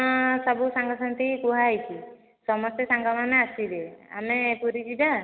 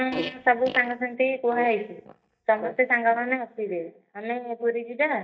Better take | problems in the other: first | noise reduction (neural mask model DeepFilterNet 3)

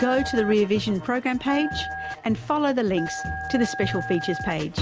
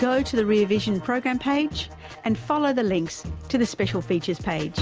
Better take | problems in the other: second | background sound (Telephone); 10 dB below the speech

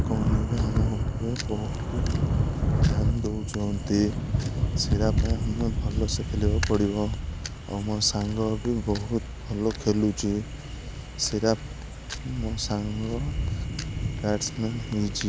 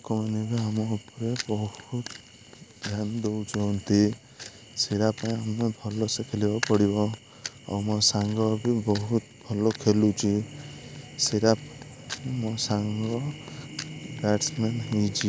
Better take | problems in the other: second | background sound (Thunder / Rain); as loud as the speech

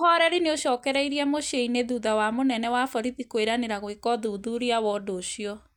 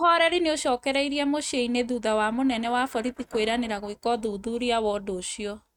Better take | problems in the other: first | noise reduction (neural mask model RNNoise)

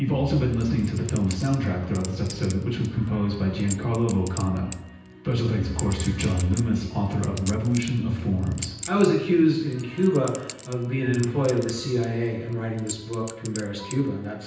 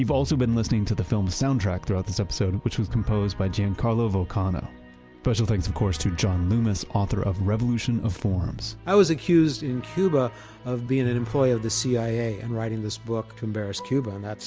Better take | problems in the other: second | background sound (Chink, clink); 17 dB below the speech // room echo; dies away in 0.9 s

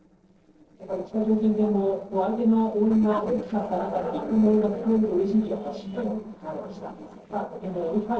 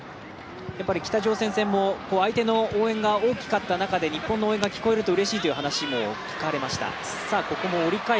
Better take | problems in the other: second | noise reduction (neural separator model SepFormer DNS4)

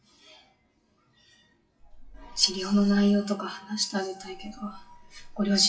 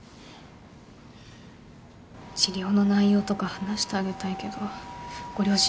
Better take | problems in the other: second | noise reduction (classical method WPE with log-MMSE)

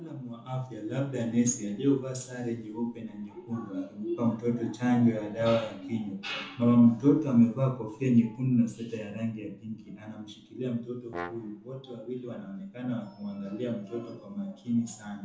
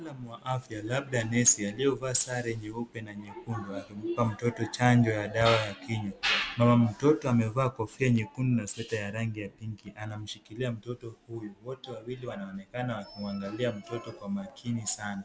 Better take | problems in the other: second | background sound (Brass instrument); 14 dB below the speech // room echo; dies away in 0.6 s

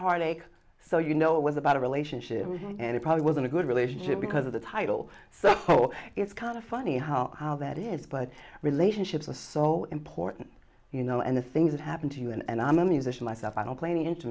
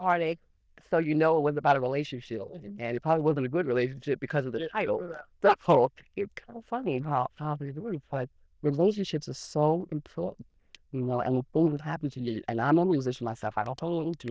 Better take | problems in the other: first | noise reduction (neural diffusion model UNIVERSE++)

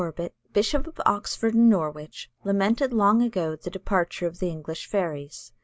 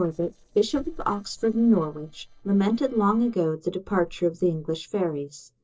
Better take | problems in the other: first | noise reduction (neural separator model SepFormer DNS4)

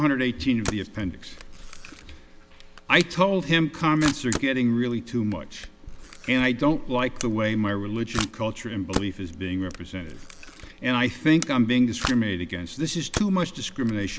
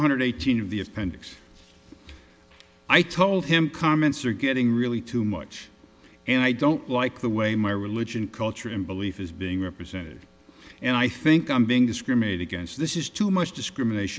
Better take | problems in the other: second | background sound (Camera); 12 dB below the speech

